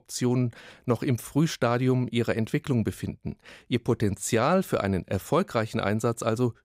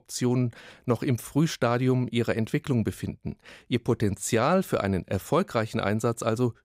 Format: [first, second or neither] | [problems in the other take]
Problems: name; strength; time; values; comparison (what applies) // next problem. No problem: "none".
neither | none